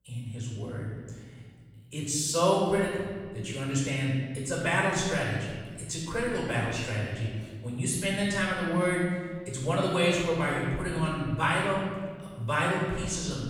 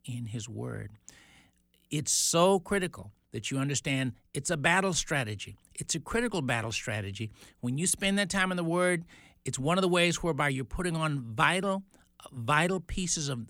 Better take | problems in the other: second | room echo; noticeable; dies away in 1.8 s // off-mic speech; far

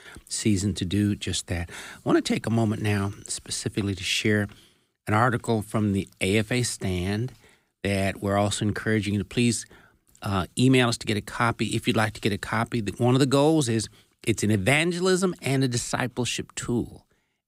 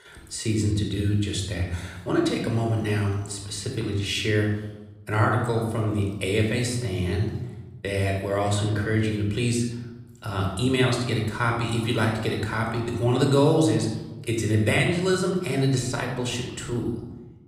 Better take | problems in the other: first | room echo; noticeable; dies away in 0.9 s

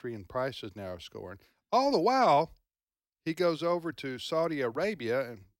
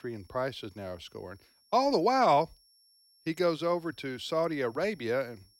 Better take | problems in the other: first | high-pitched whine; faint; throughout; 5.5 kHz, 35 dB below the speech

